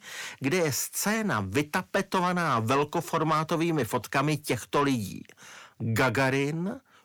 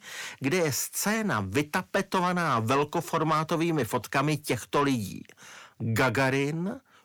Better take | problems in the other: neither | distortion; slight; 10 dB below the speech; the same in both

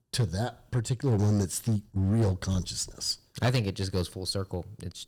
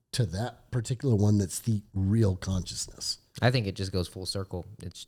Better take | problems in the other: second | distortion; slight; 6% of the sound clipped

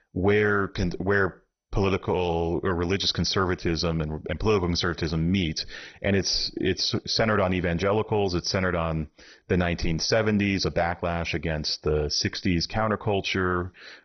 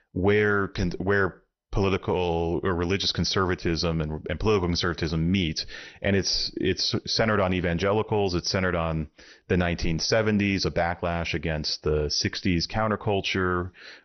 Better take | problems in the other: second | garbled, watery; badly; nothing above 6 kHz; slightly in the second

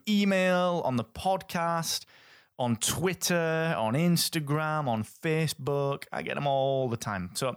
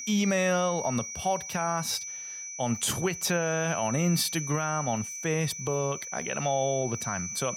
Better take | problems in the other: first | high-pitched whine; loud; throughout; 6 kHz, 6 dB below the speech

